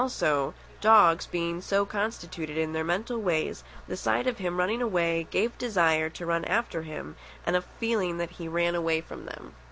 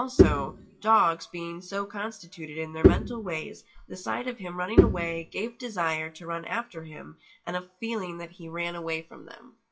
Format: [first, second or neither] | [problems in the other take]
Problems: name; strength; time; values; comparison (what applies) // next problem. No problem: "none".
first | noise reduction (classical method WPE with log-MMSE)